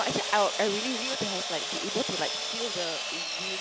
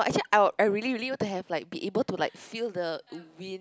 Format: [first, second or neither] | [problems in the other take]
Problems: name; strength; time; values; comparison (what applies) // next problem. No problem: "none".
second | background sound (Sawing); 1 dB below the speech